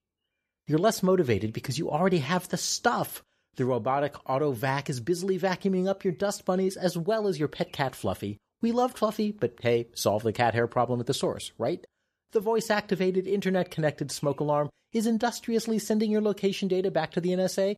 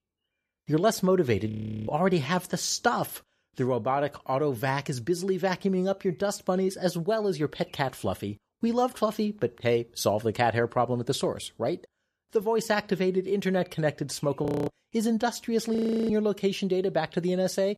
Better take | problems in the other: first | audio freezing; at 1.5 s, at 14 s and at 16 s

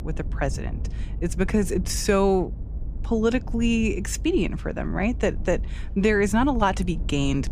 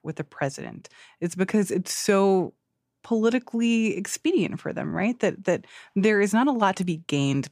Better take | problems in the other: second | low rumble; faint; throughout; 20 dB below the speech

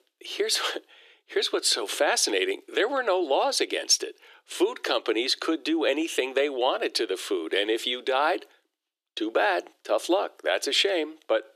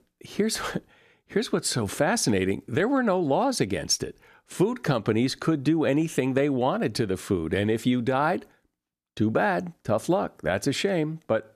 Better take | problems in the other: second | thin; very; fading below 350 Hz

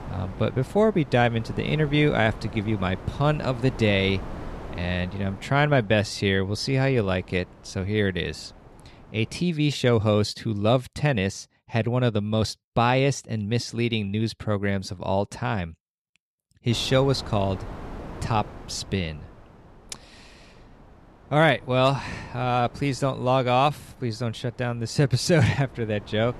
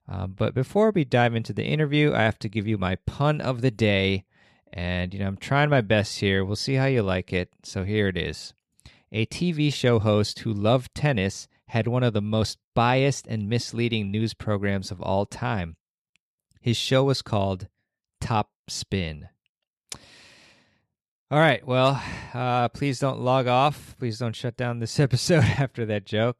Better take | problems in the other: second | wind noise on the microphone; occasional gusts; until 9.5 s and from 17 s on; 20 dB below the speech

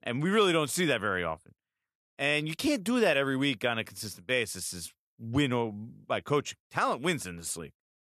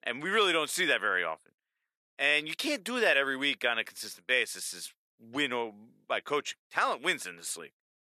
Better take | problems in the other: first | thin; somewhat; fading below 350 Hz

